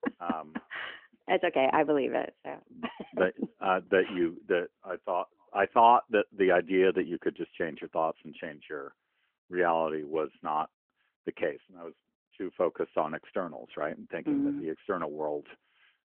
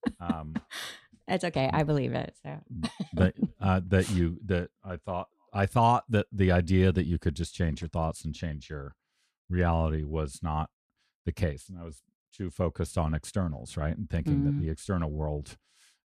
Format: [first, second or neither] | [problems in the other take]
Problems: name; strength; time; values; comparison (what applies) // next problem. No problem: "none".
second | phone-call audio; nothing above 3 kHz